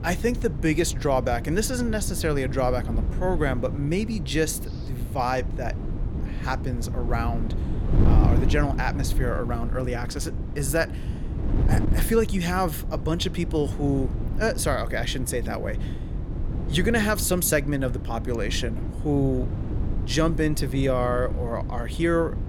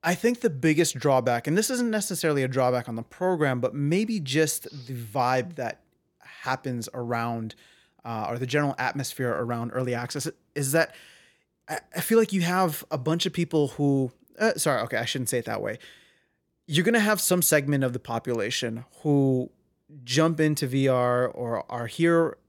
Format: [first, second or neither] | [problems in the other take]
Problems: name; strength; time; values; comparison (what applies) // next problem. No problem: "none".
second | wind noise on the microphone; occasional gusts; 10 dB below the speech